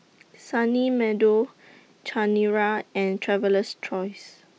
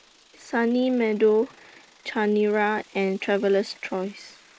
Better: first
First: none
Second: noise reduction (neural mask model Resemble Enhance denoiser)

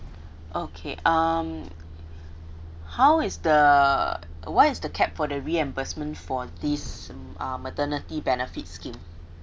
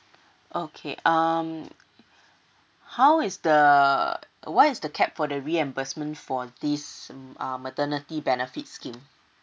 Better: second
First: background sound (Truck); 13 dB below the speech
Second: none

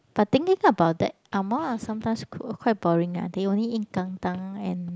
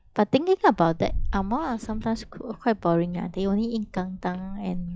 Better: first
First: none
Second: noise reduction (classical method log-MMSE)

